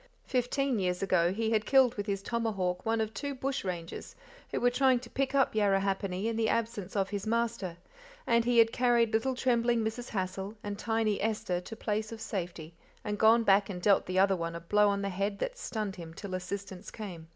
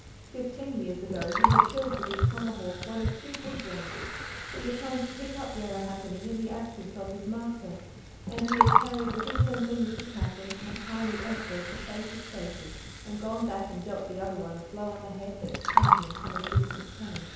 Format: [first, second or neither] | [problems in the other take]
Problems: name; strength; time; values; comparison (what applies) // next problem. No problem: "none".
first | background sound (Gurgling); 4 dB above the speech // room echo; dies away in 0.9 s